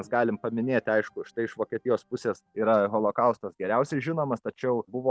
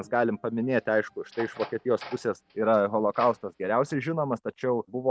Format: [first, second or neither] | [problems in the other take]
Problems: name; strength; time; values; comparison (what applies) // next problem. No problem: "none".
first | background sound (Door); 18 dB below the speech